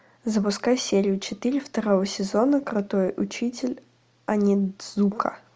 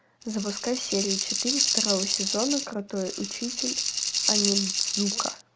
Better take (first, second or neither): first